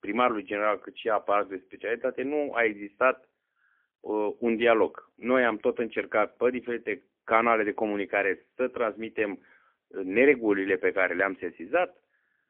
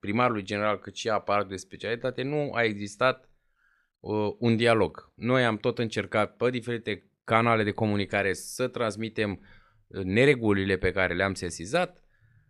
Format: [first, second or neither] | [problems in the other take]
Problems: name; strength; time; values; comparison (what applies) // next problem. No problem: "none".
second | phone-call audio; poor line; nothing above 3.5 kHz